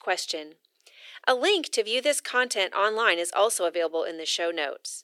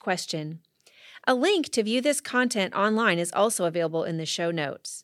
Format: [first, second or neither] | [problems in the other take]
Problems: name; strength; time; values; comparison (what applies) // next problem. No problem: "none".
second | thin; very; fading below 350 Hz